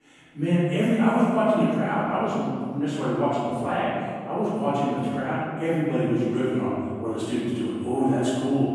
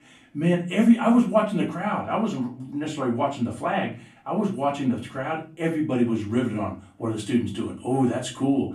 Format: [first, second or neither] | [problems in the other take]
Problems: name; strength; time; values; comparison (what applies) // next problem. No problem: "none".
second | room echo; strong; dies away in 1.8 s; slight in the second // off-mic speech; far; far in the second